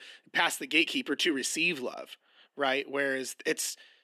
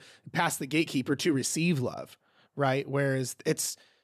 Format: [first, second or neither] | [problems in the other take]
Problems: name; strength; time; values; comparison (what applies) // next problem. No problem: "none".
second | thin; somewhat; fading below 250 Hz